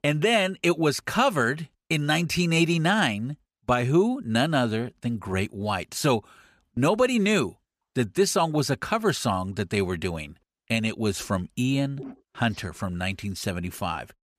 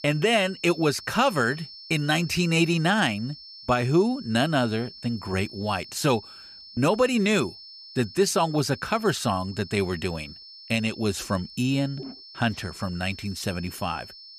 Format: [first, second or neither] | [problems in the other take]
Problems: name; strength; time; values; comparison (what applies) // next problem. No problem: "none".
first | high-pitched whine; noticeable; throughout; 5.5 kHz, 15 dB below the speech